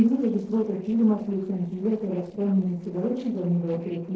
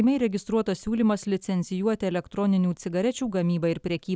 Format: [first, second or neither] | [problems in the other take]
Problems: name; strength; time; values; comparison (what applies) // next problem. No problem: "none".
second | noise reduction (neural separator model SepFormer DNS4)